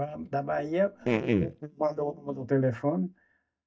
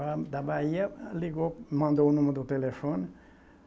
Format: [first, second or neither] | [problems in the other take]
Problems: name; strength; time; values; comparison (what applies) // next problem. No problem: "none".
second | noise reduction (neural mask model DeepFilterNet 3)